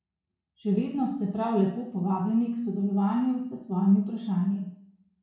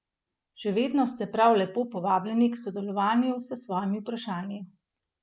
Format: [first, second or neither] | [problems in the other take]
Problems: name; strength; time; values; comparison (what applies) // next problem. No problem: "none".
second | room echo; dies away in 0.6 s